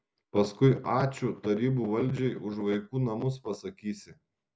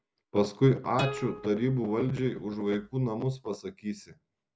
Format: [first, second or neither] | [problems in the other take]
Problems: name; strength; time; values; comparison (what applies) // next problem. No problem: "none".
first | background sound (Plucked string instrument); 13 dB below the speech